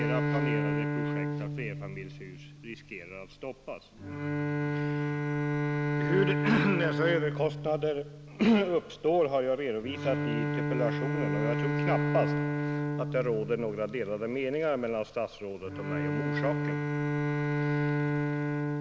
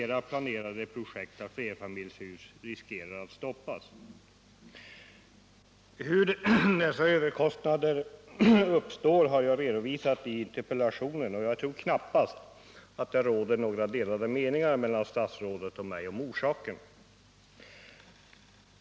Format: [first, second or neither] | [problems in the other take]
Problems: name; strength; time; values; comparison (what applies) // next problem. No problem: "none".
second | background sound (Bowed string instrument); 1 dB above the speech